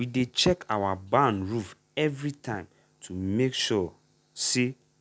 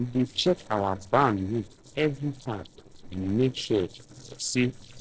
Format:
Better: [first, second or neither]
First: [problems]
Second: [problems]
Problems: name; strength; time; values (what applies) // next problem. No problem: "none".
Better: first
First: none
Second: noise reduction (neural separator model SepFormer DNS4)